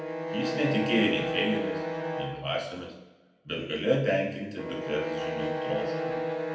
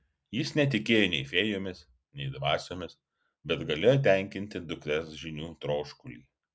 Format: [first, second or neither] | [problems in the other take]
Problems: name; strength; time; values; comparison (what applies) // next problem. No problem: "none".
second | background sound (Bowed string instrument); 3 dB below the speech // room echo; dies away in 0.8 s